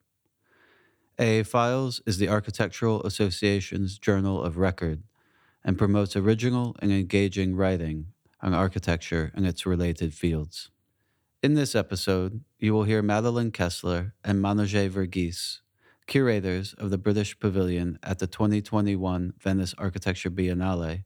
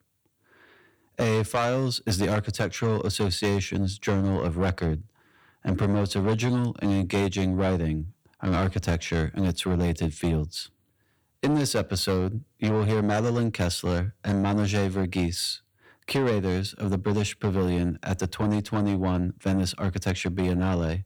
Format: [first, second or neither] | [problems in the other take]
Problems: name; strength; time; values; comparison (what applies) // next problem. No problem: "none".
first | distortion; heavy; 8 dB below the speech